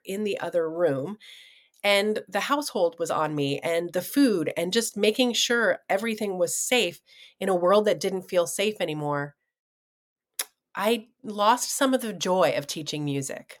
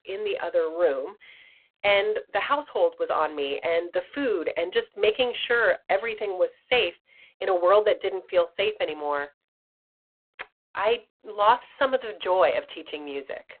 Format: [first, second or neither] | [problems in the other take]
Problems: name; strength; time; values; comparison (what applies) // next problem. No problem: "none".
first | phone-call audio; poor line